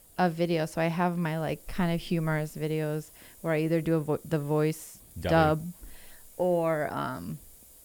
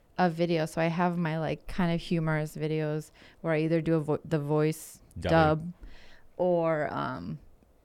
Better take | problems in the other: second | hiss; faint; throughout; 25 dB below the speech

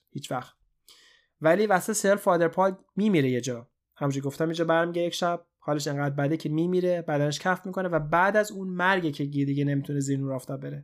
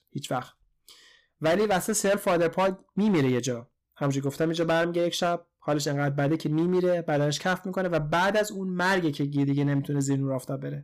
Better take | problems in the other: first | distortion; slight; 8% of the sound clipped

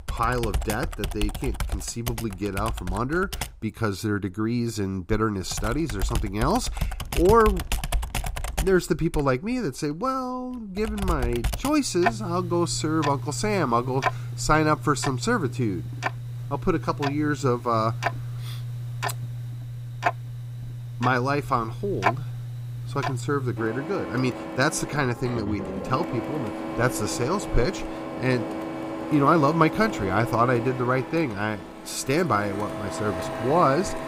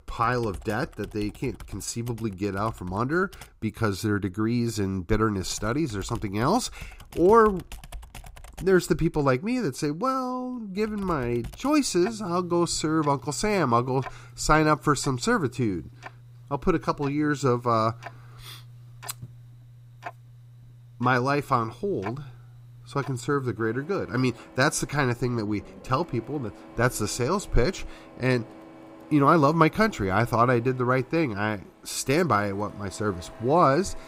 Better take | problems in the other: second | household noises; loud; throughout; 6 dB below the speech; faint in the second

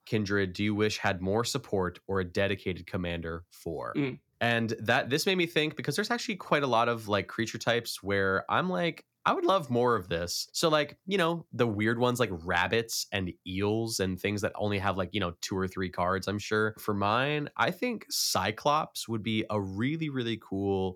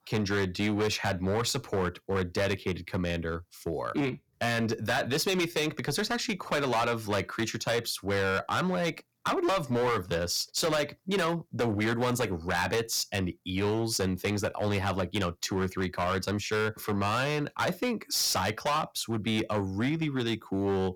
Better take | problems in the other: first | distortion; heavy; 13% of the sound clipped

